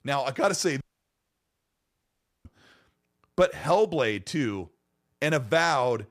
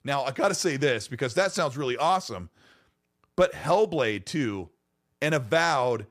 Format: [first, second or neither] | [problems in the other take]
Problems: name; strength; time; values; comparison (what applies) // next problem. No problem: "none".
second | audio cutting out; at 1 s for 1.5 s